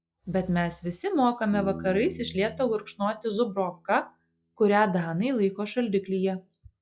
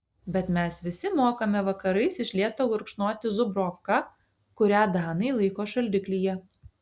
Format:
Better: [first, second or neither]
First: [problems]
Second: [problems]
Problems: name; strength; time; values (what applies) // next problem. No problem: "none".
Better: second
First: noise reduction (classical method log-MMSE)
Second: none